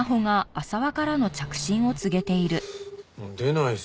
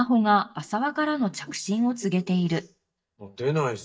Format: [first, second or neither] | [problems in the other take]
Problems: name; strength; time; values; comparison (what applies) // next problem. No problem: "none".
first | noise reduction (neural mask model DeepFilterNet 3)